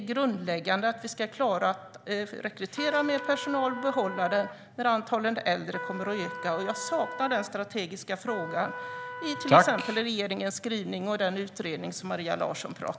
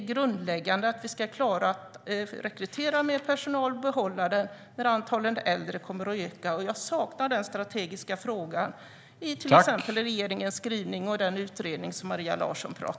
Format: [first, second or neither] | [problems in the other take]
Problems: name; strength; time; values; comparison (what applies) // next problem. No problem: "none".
second | background sound (Trumpet); 10 dB below the speech